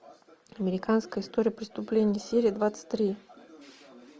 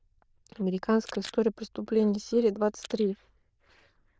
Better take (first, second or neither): first